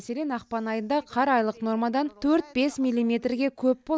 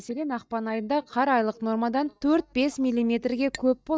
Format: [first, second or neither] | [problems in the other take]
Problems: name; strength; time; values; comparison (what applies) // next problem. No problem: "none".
first | noise reduction (neural mask model DeepFilterNet 3)